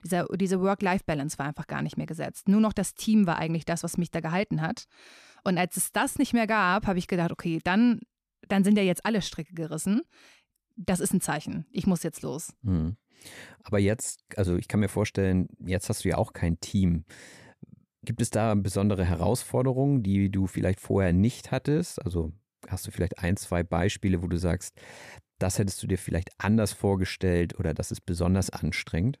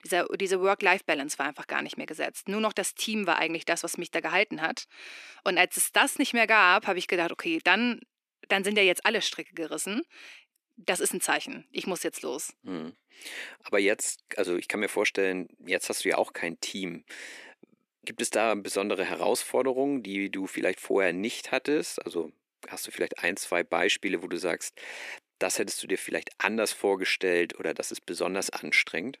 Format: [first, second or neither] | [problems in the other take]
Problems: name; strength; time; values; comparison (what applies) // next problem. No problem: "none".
first | thin; somewhat; fading below 300 Hz